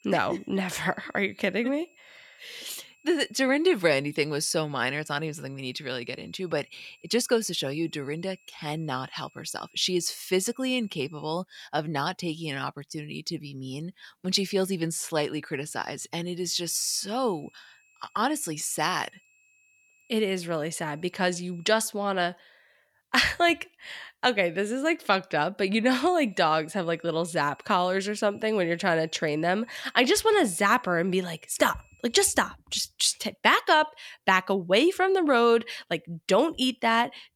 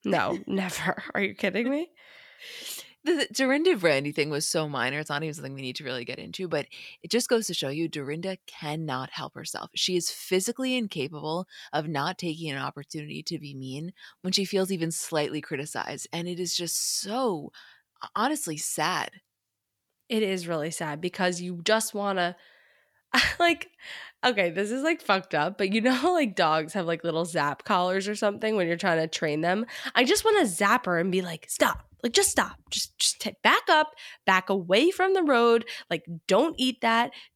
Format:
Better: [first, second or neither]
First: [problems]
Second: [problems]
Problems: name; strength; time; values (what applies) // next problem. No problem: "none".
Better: second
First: high-pitched whine; faint; until 11 s, from 17 to 22 s and from 26 to 32 s; 2.5 kHz, 35 dB below the speech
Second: none